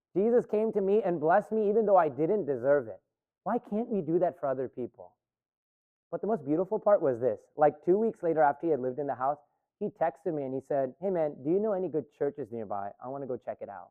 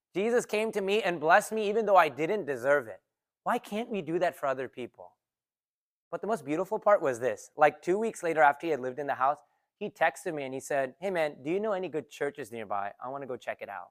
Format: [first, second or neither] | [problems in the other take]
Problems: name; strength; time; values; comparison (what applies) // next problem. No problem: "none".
second | muffled; very; fading above 1.5 kHz